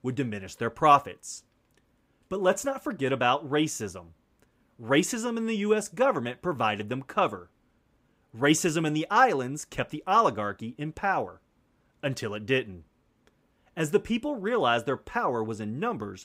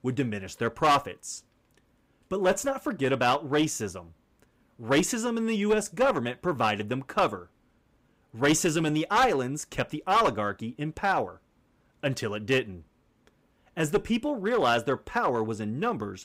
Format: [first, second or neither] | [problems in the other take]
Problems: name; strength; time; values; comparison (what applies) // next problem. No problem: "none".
first | distortion; slight; 4% of the sound clipped